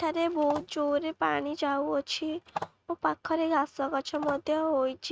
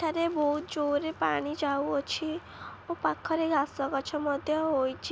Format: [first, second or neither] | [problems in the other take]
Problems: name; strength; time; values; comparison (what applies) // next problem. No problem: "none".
second | noise reduction (neural mask model RNNoise)